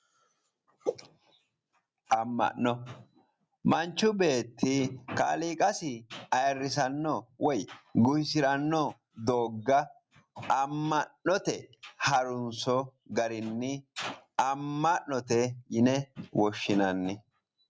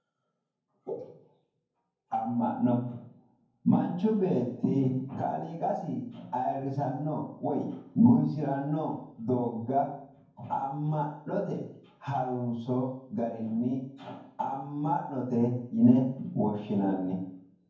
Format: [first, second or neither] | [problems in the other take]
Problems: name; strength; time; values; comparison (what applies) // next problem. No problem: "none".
first | room echo; dies away in 0.9 s